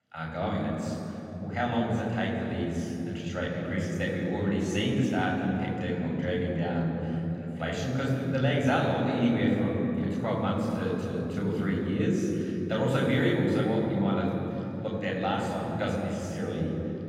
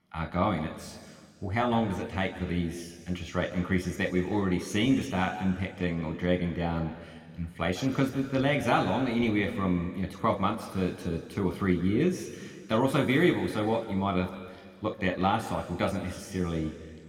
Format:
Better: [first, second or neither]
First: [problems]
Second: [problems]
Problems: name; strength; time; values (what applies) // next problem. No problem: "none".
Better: second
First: room echo; strong; dies away in 3 s // off-mic speech; far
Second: room echo; slight; dies away in 1.9 s